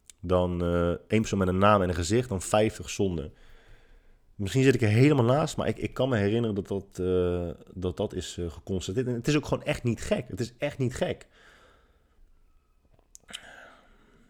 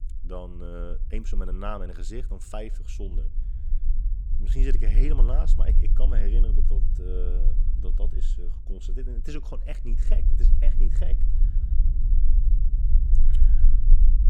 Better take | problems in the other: first | low rumble; loud; throughout; 8 dB below the speech

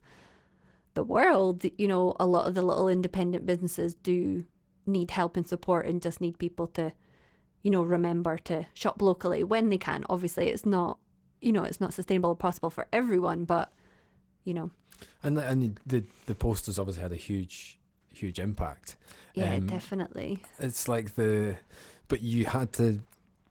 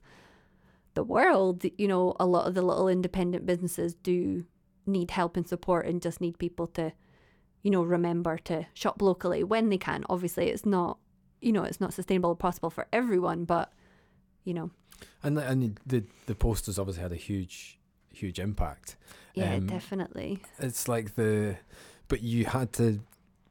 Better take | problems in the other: second | garbled, watery; slightly; nothing above 18 kHz

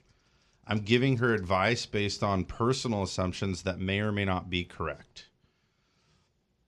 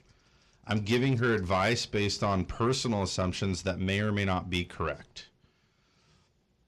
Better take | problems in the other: first | distortion; slight; 10 dB below the speech

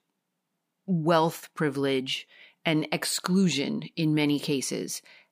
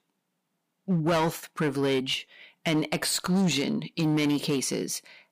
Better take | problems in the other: first | distortion; slight; 9% of the sound clipped

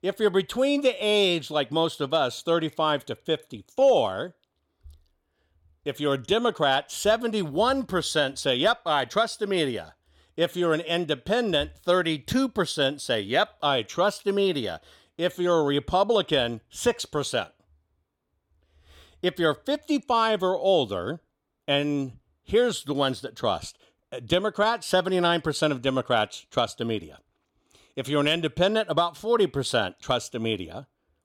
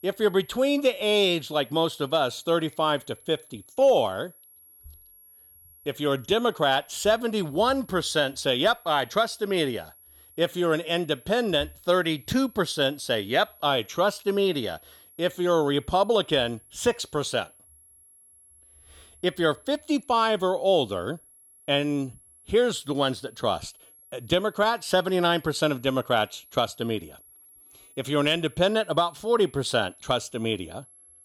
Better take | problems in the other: first | high-pitched whine; faint; throughout; 11.5 kHz, 25 dB below the speech

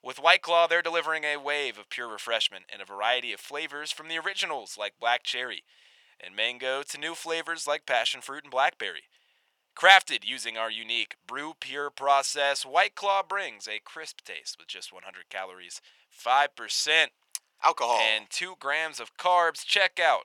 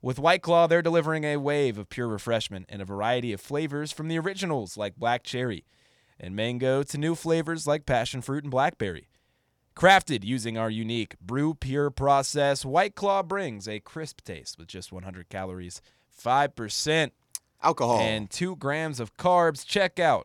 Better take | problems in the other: second | thin; very; fading below 800 Hz

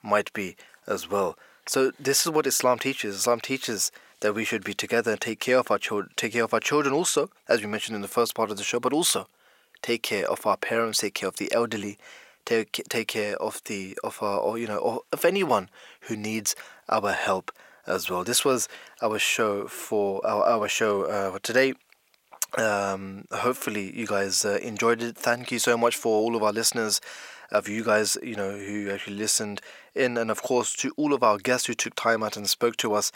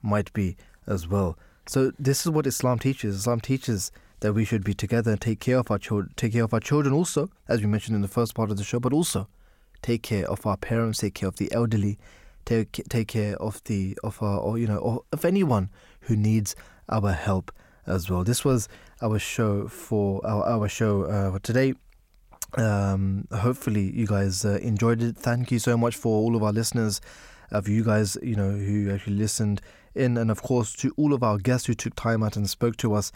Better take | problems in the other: second | thin; somewhat; fading below 450 Hz

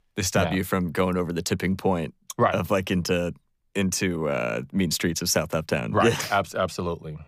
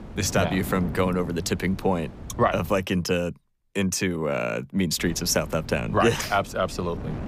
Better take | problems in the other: first | wind noise on the microphone; occasional gusts; until 3 s and from 5 s on; 20 dB below the speech

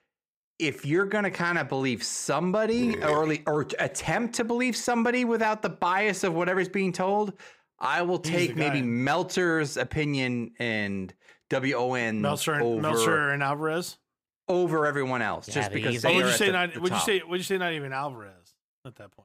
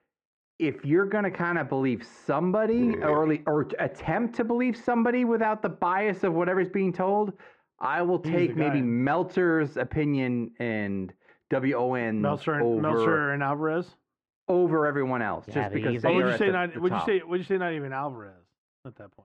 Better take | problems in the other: first | muffled; very; fading above 1.5 kHz

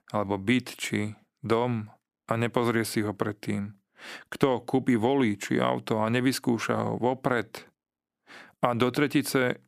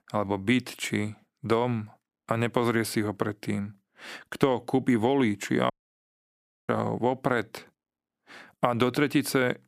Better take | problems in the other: first | audio cutting out; at 5.5 s for 1 s

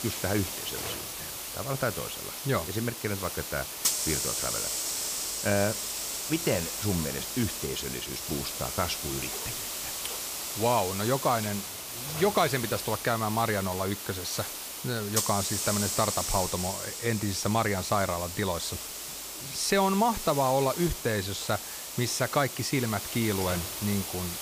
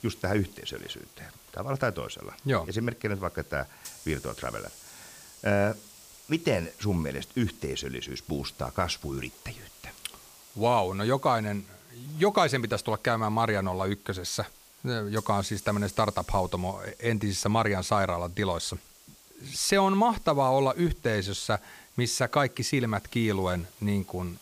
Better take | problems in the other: second | hiss; loud; throughout; 3 dB below the speech; faint in the second

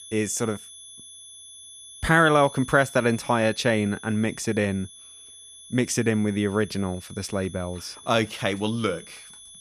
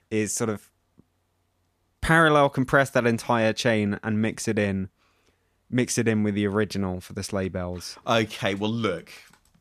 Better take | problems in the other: second | high-pitched whine; noticeable; throughout; 3.5 kHz, 20 dB below the speech

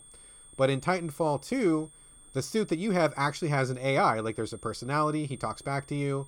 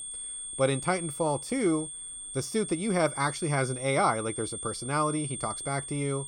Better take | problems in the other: first | high-pitched whine; loud; throughout; 8.5 kHz, 7 dB below the speech; faint in the first

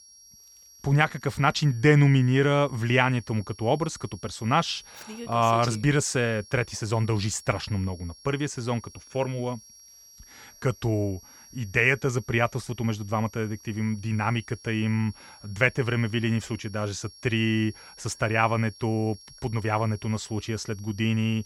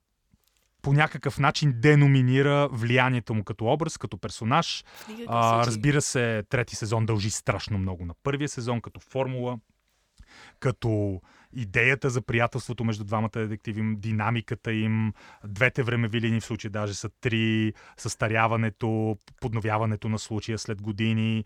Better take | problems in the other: second | high-pitched whine; faint; throughout; 5.5 kHz, 20 dB below the speech

